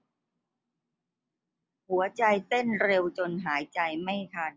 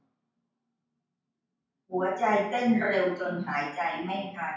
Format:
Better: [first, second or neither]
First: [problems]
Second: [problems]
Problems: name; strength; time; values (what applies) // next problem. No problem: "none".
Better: first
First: none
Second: room echo; dies away in 0.5 s